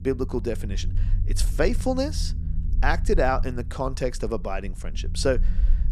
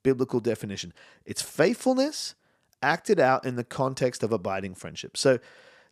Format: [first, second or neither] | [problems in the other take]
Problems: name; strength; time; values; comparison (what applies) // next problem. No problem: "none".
second | low rumble; faint; throughout; 20 dB below the speech